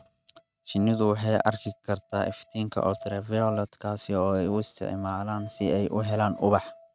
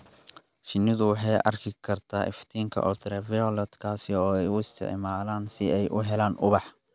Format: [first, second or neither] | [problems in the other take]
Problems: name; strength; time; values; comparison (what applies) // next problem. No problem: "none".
second | noise reduction (neural mask model RNNoise)